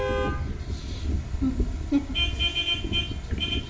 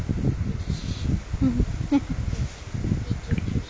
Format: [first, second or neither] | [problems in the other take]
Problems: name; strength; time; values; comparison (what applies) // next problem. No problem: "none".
second | background sound (Vehicle horn, car horn, honking); 3 dB below the speech // room echo; dies away in 0.9 s